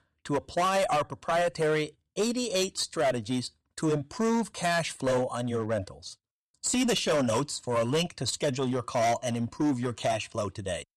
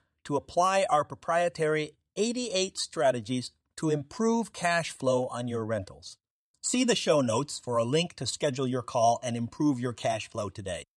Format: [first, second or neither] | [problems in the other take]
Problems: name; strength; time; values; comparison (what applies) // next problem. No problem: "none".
second | distortion; slight; 11% of the sound clipped